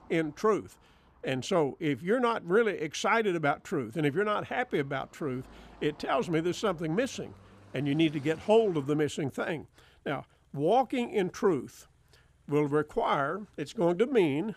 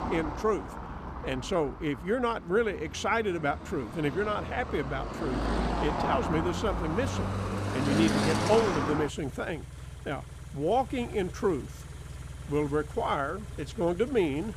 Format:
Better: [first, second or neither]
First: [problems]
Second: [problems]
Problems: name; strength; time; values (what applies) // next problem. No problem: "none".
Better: first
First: traffic noise; faint; throughout; 30 dB below the speech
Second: traffic noise; loud; throughout; 4 dB below the speech